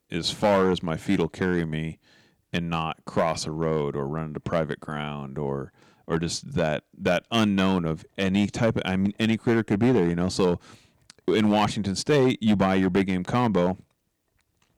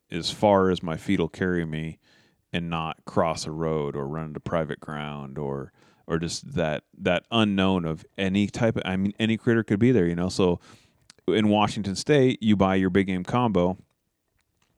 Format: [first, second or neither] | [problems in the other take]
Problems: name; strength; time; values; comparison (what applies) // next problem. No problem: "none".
second | distortion; slight; 3% of the sound clipped